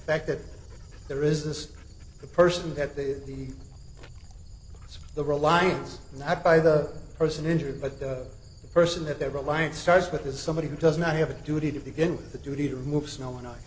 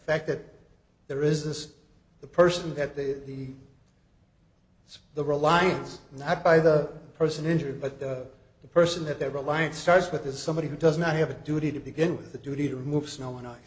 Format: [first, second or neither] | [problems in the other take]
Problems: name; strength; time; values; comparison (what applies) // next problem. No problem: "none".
second | background sound (Dog); 17 dB below the speech